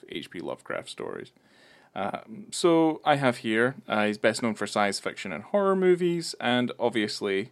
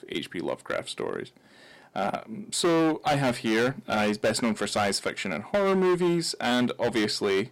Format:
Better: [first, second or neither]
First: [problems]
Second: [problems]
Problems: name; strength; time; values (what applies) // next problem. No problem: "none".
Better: first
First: none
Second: distortion; heavy; 12% of the sound clipped